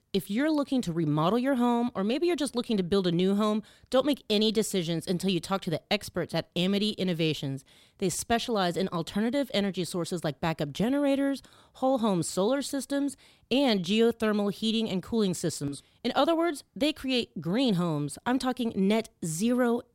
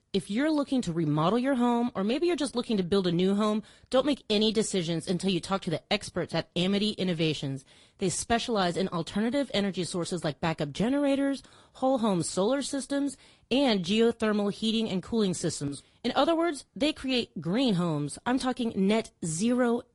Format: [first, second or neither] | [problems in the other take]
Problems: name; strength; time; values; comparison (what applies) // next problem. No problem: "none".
first | garbled, watery; slightly; nothing above 11 kHz